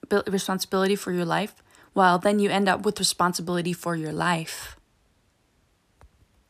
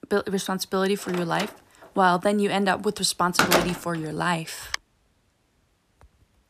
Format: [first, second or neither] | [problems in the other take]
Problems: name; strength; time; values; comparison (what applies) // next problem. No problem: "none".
first | door banging; loud; from 1 to 5 s; peak 4 dB above the speech